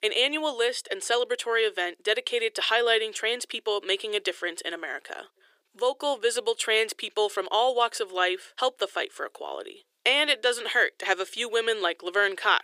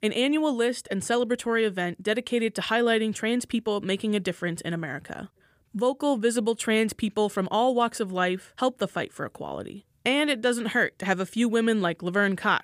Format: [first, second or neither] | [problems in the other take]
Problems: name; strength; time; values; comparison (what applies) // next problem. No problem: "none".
second | thin; very; fading below 350 Hz